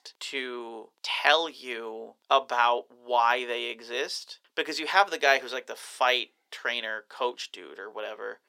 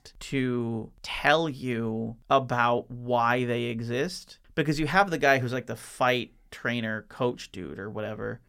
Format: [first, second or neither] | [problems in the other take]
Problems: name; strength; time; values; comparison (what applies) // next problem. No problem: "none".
second | thin; very; fading below 400 Hz